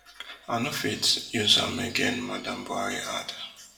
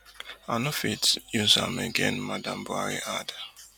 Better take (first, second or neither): second